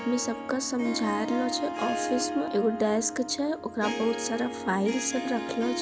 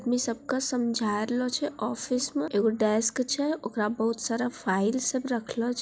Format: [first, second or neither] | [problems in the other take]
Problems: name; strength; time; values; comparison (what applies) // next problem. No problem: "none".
second | background sound (Harp); 5 dB below the speech